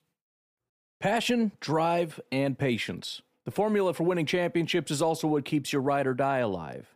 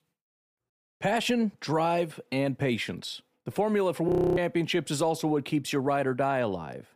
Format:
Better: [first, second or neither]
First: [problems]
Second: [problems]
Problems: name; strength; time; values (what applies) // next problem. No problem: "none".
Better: first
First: none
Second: audio freezing; at 4 s